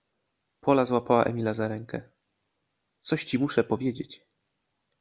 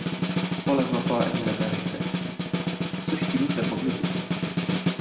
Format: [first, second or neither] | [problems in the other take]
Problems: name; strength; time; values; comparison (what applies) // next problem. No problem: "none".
first | background sound (Snare drum); 3 dB above the speech // room echo; dies away in 1.5 s